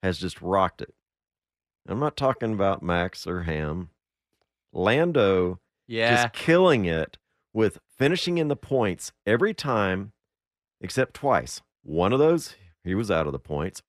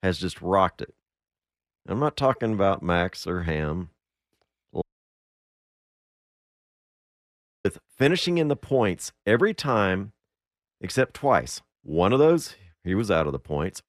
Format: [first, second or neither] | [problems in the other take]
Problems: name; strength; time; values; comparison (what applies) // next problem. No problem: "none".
first | audio cutting out; at 5 s for 3 s